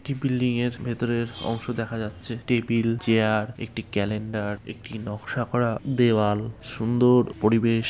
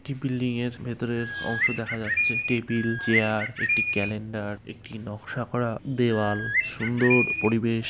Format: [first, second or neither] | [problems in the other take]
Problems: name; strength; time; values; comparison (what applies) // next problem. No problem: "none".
first | background sound (Bird); as loud as the speech